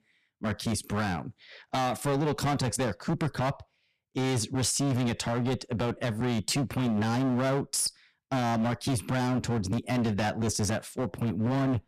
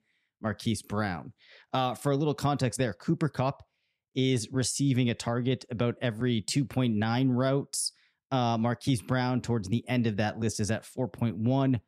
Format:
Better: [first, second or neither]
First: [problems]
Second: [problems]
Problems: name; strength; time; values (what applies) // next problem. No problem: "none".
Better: second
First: distortion; heavy; 21% of the sound clipped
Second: none